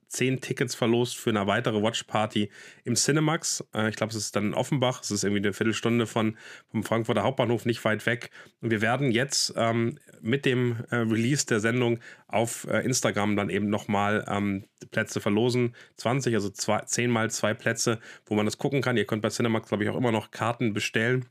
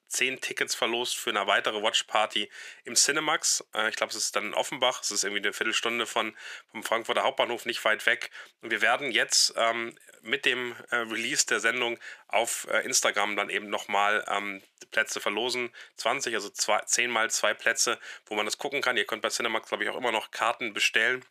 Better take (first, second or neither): first